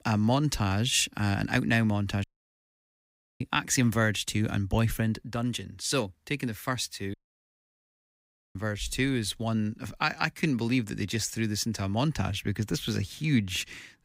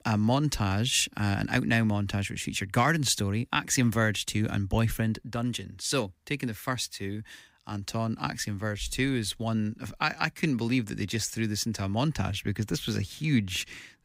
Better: second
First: audio cutting out; at 2 s for 1 s and at 7 s for 1.5 s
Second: none

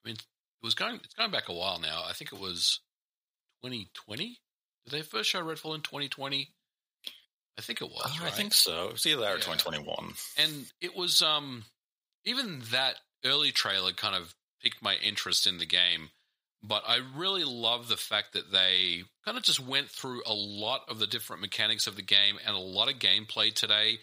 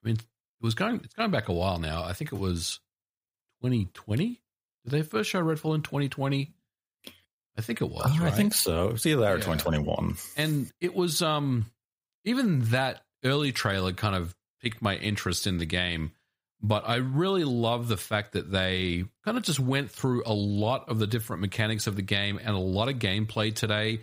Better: second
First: thin; somewhat; fading below 900 Hz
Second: none

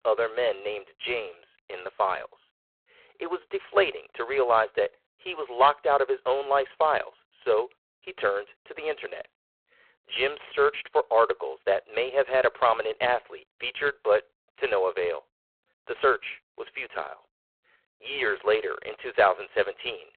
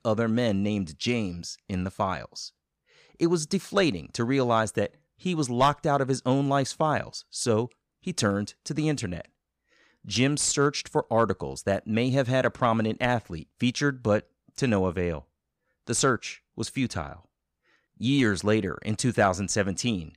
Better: second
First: phone-call audio; poor line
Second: none

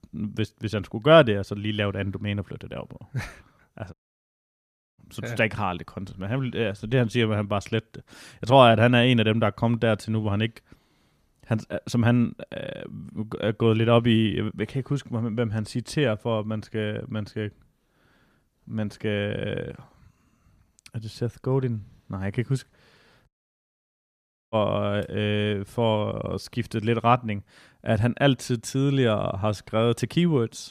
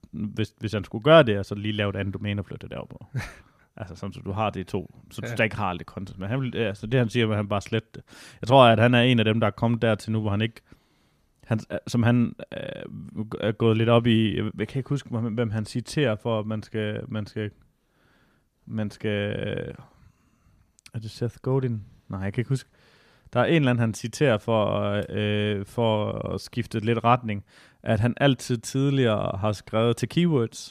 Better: second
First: audio cutting out; at 4 s for 1 s and at 23 s for 1 s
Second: none

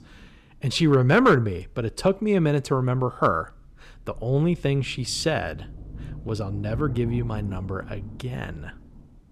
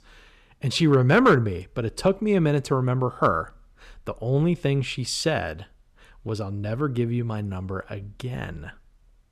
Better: second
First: low rumble; faint; throughout; 25 dB below the speech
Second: none

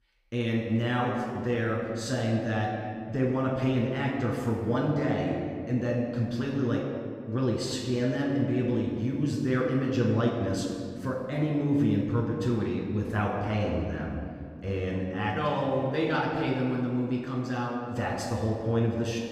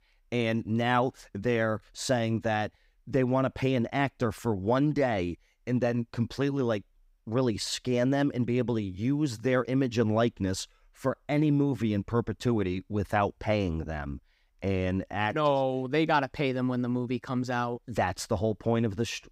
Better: second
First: off-mic speech; far // room echo; noticeable; dies away in 1.9 s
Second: none

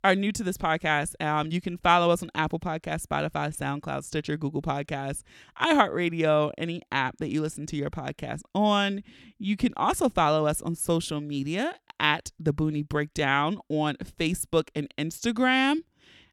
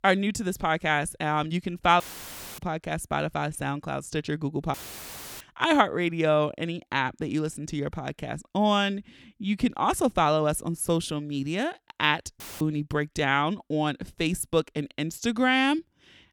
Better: first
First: none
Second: audio cutting out; filled with static; at 2 s for 0.5 s, at 4.5 s for 0.5 s and at 12 s

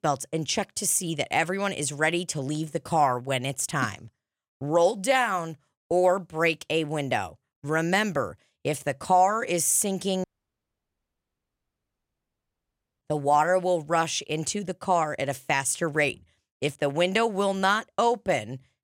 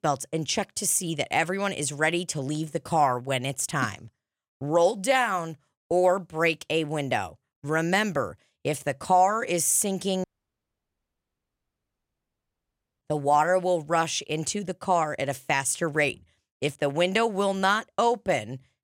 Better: neither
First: audio cutting out; at 10 s for 3 s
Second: audio cutting out; at 10 s for 3 s

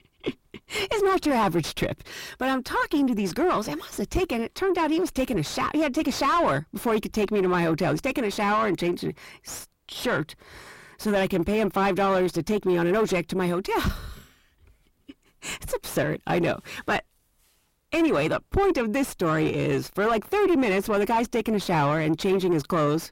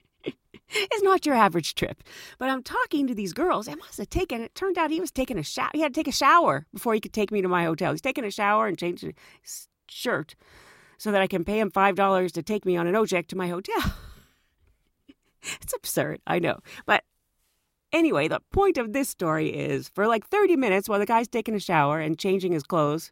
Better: second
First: distortion; heavy; 7 dB below the speech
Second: none

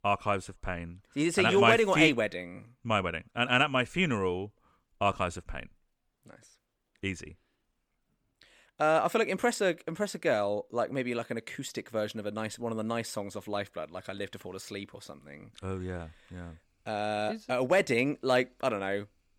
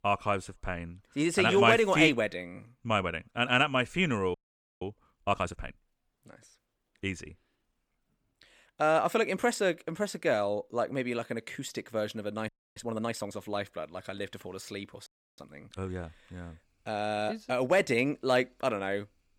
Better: first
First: none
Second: audio freezing; at 4.5 s, at 12 s and at 15 s

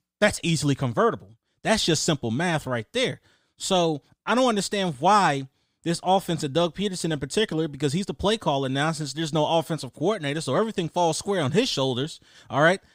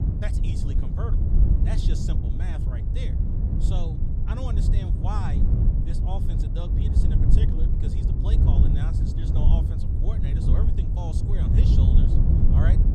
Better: first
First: none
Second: wind noise on the microphone; heavy; 3 dB above the speech

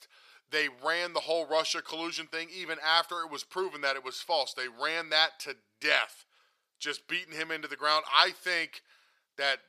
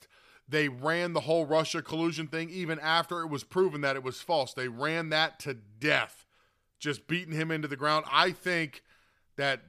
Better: second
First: thin; very; fading below 550 Hz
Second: none

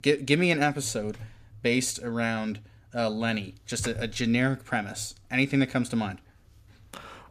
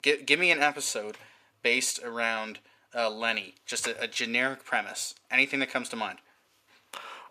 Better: first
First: none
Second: thin; somewhat; fading below 500 Hz

